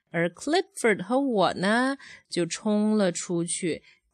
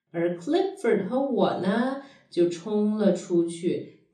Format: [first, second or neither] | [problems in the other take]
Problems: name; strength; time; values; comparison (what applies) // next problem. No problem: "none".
first | room echo; slight; dies away in 0.6 s // off-mic speech; far